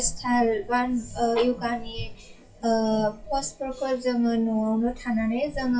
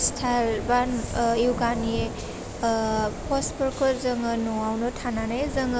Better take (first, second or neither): second